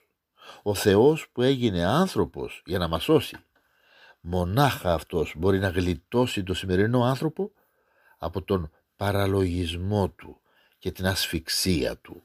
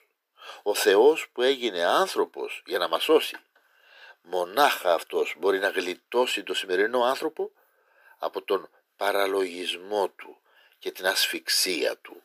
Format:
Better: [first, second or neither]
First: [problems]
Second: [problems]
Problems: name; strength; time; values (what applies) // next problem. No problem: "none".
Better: first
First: none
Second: thin; very; fading below 400 Hz